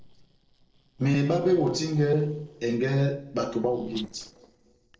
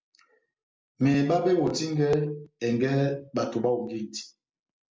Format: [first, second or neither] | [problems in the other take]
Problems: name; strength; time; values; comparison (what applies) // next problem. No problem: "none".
second | noise reduction (neural separator model SepFormer DNS4)